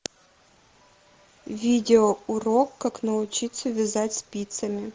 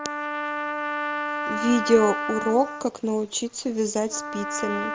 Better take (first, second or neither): first